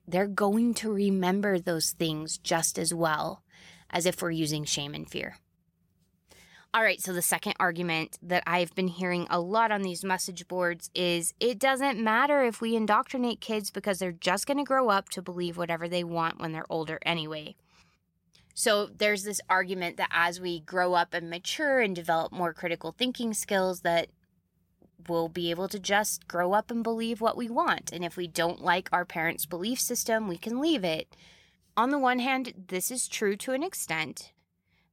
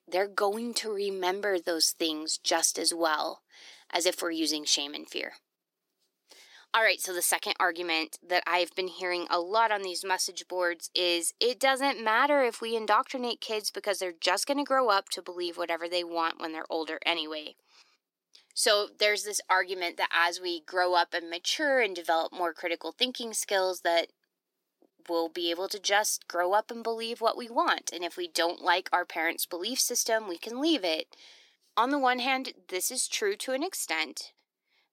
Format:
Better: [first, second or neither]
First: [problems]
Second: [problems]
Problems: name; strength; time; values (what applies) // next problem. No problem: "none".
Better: first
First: none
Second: thin; somewhat; fading below 300 Hz